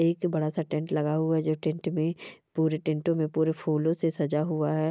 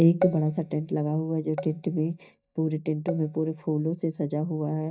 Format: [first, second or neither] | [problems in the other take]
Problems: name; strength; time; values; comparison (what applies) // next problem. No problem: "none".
first | noise reduction (neural mask model DeepFilterNet 3)